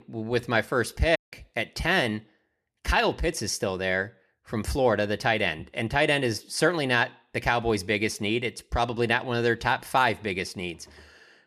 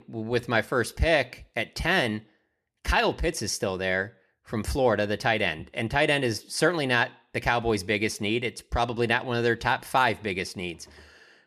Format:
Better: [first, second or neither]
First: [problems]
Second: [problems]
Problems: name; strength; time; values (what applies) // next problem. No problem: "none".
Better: second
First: audio cutting out; at 1 s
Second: none